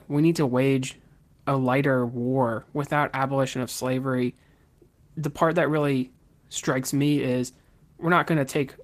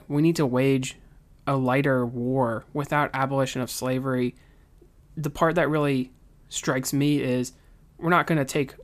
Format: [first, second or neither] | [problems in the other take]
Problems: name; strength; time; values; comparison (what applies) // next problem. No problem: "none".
second | garbled, watery; slightly; nothing above 14.5 kHz